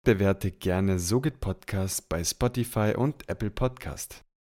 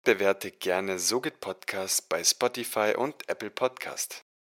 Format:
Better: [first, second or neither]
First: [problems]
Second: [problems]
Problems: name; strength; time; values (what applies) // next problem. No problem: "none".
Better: first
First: none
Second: thin; very; fading below 500 Hz